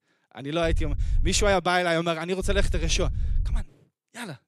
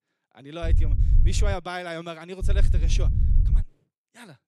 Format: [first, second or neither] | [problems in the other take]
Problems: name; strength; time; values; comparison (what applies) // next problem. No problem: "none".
first | low rumble; loud; at 0.5 s and from 2.5 to 3.5 s; 10 dB below the speech; faint in the first